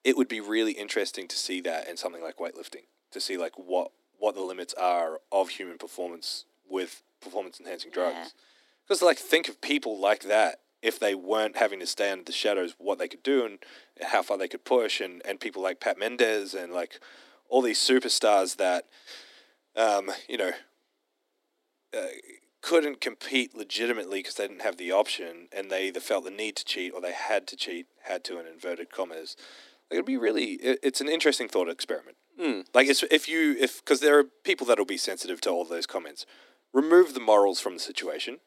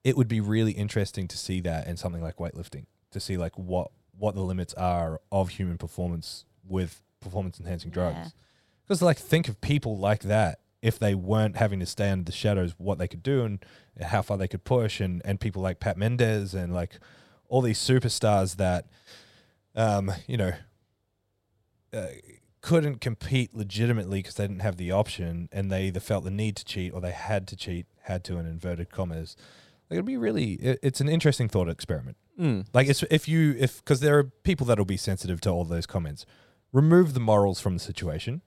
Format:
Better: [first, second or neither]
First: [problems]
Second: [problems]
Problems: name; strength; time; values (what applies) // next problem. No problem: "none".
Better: second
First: thin; somewhat; fading below 250 Hz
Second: none